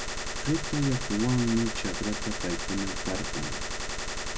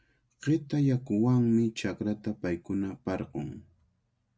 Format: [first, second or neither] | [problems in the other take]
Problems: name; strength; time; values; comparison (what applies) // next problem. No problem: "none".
second | background sound (Gunshot, gunfire); 1 dB below the speech